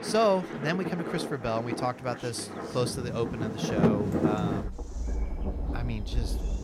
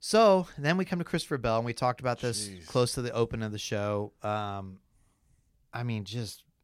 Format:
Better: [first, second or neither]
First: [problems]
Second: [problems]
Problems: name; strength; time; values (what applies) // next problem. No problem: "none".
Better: second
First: rain or running water; loud; throughout; 1 dB below the speech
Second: none